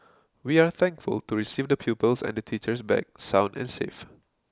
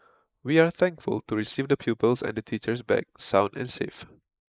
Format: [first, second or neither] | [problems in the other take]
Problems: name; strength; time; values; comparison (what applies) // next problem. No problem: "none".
first | noise reduction (neural mask model Resemble Enhance denoiser)